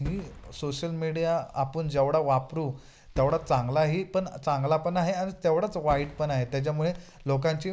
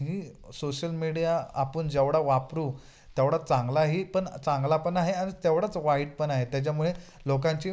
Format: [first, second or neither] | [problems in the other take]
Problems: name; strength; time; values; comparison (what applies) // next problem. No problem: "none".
second | background sound (Fireworks); 15 dB below the speech